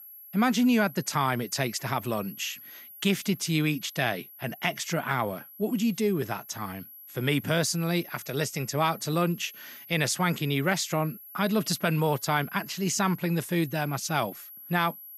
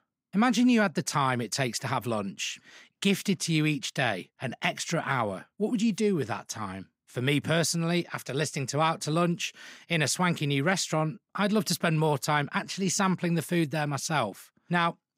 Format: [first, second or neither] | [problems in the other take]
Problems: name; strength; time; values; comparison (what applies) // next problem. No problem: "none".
second | high-pitched whine; noticeable; throughout; 11.5 kHz, 15 dB below the speech